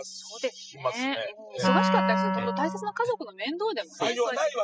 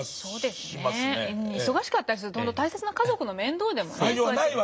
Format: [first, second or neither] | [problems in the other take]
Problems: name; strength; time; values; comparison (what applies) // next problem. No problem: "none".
second | noise reduction (classical method spectral subtraction)